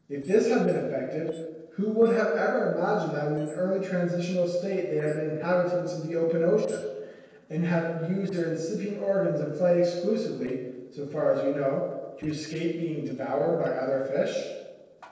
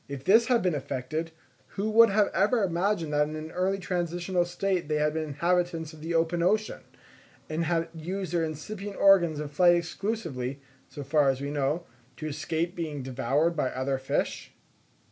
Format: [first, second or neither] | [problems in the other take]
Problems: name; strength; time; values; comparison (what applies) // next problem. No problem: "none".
second | noise reduction (neural separator model SepFormer DNS4)